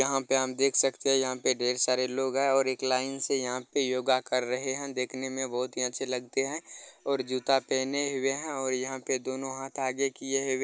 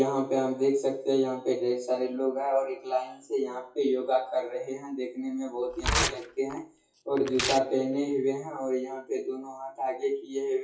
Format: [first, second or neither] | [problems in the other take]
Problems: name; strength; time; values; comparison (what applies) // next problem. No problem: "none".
first | noise reduction (classical method WPE with log-MMSE)